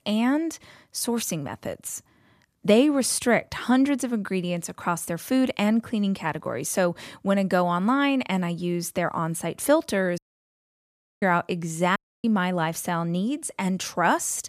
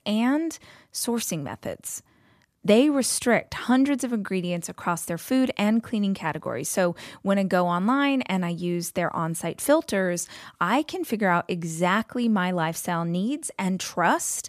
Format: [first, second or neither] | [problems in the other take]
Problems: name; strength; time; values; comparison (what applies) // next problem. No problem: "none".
second | audio cutting out; at 10 s for 1 s and at 12 s